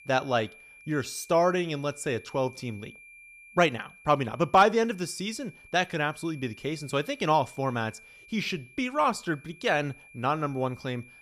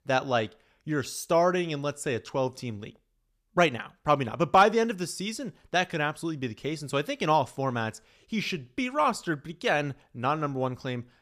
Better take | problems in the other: second | high-pitched whine; faint; throughout; 2.5 kHz, 20 dB below the speech

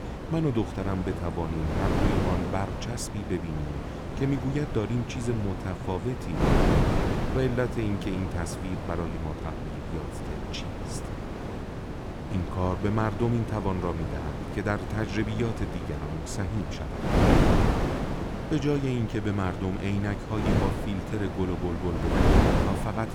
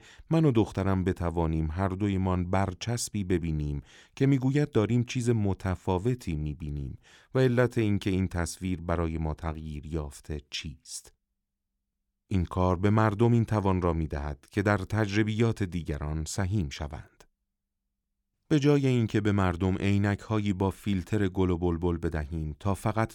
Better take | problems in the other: second | wind noise on the microphone; heavy; 1 dB above the speech

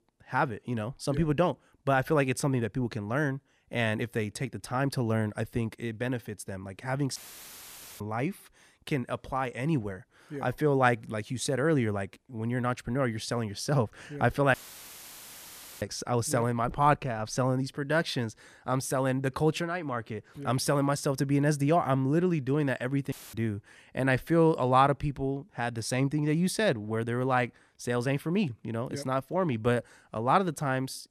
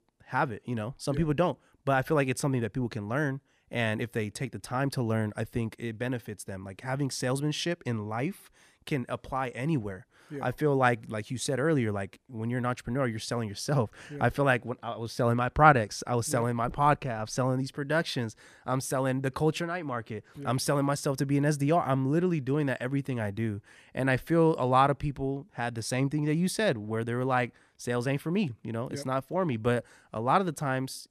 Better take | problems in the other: second | audio cutting out; filled with static; at 7 s for 1 s, at 15 s for 1.5 s and at 23 s

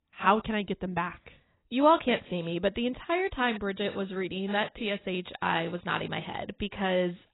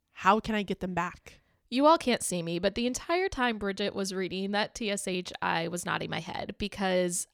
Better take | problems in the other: second | garbled, watery; badly; nothing above 4 kHz

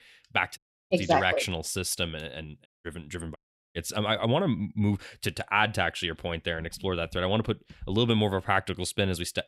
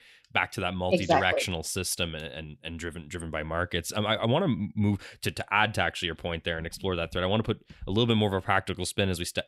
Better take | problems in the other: second | audio cutting out; at 0.5 s, at 2.5 s and at 3.5 s

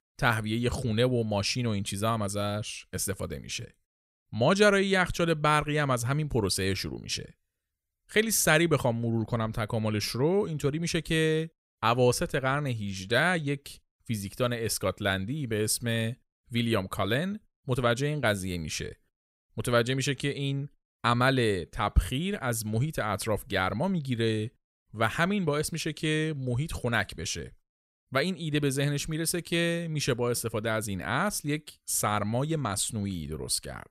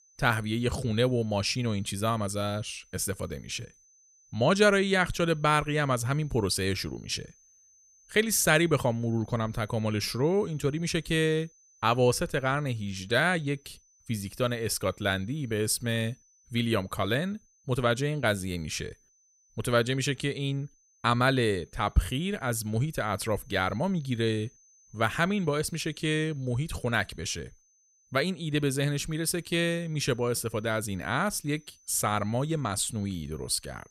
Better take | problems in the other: first | high-pitched whine; faint; throughout; 6 kHz, 30 dB below the speech

